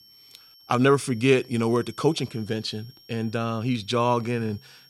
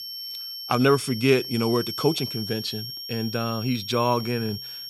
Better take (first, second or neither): first